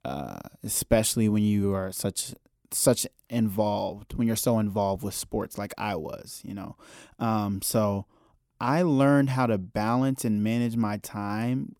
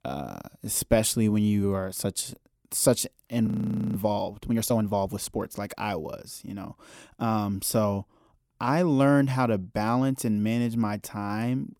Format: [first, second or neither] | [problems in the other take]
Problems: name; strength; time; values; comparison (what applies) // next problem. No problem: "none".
first | audio freezing; at 3.5 s